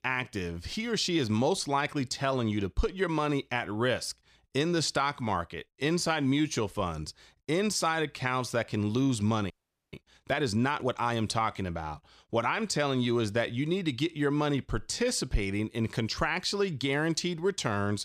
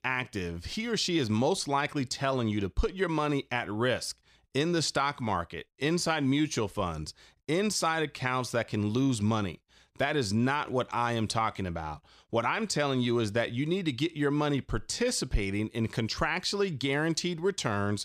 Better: second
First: audio freezing; at 9.5 s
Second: none

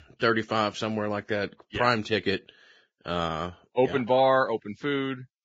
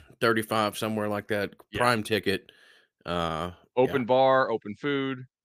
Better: second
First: garbled, watery; badly; nothing above 7.5 kHz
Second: none

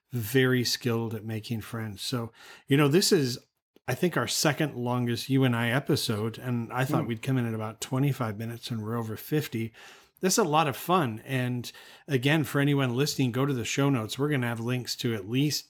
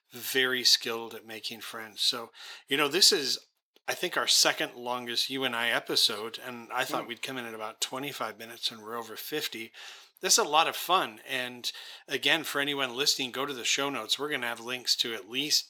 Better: first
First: none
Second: thin; very; fading below 500 Hz

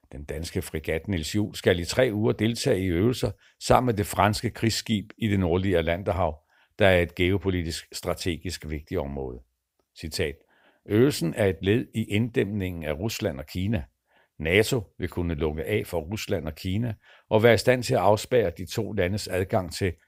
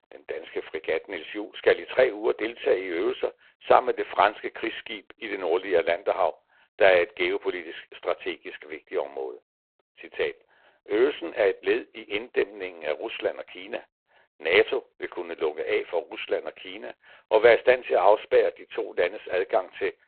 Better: first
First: none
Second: phone-call audio; poor line

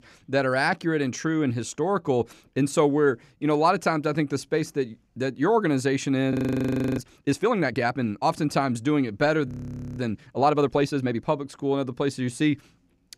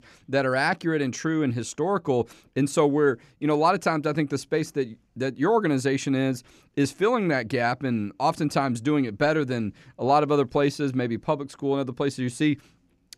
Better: second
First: audio freezing; at 6.5 s for 0.5 s and at 9.5 s for 0.5 s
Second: none

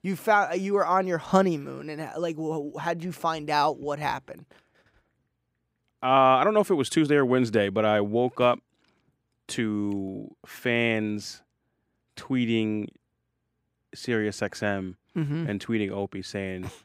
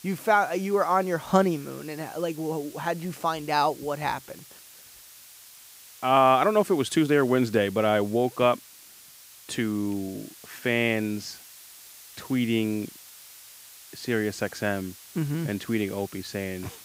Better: first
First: none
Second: hiss; noticeable; throughout; 20 dB below the speech

